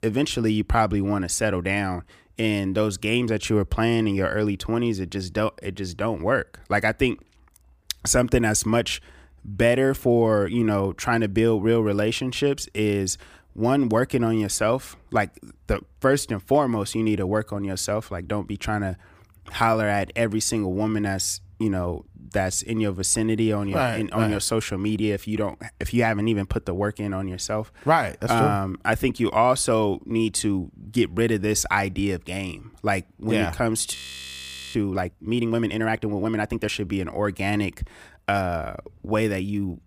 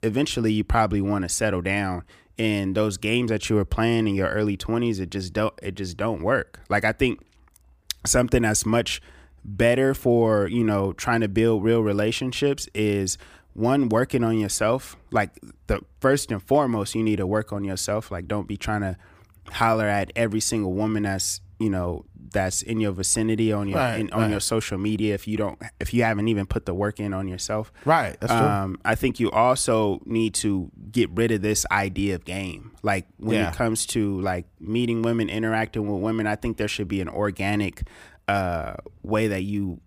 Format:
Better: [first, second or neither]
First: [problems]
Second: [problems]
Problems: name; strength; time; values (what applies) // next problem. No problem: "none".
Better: second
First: audio freezing; at 34 s for 1 s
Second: none